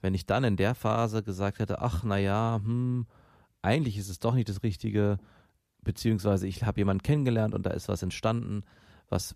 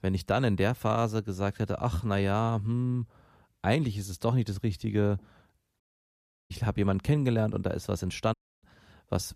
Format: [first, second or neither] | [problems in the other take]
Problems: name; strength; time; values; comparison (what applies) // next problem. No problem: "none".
first | audio cutting out; at 6 s for 0.5 s and at 8.5 s